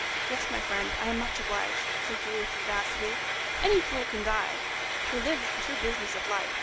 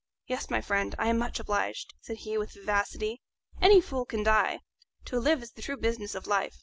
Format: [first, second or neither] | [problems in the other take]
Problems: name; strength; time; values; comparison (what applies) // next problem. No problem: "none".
second | background sound (Frying (food)); 1 dB above the speech